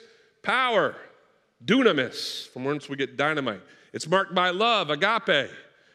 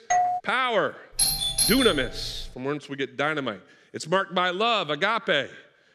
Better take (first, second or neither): first